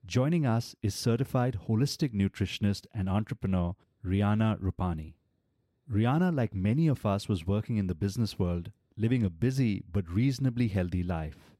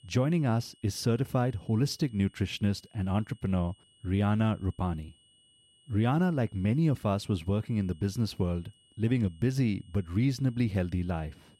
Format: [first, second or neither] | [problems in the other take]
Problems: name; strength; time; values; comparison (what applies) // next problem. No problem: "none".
first | high-pitched whine; faint; throughout; 3 kHz, 30 dB below the speech